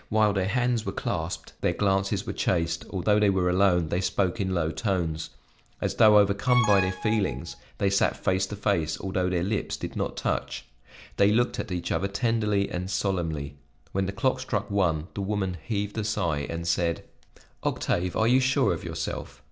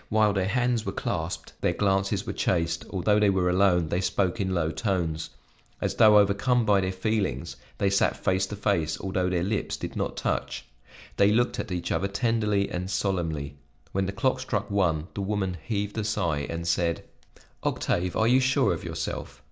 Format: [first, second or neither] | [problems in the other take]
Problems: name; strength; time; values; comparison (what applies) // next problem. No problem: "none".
second | background sound (Alarm); 6 dB below the speech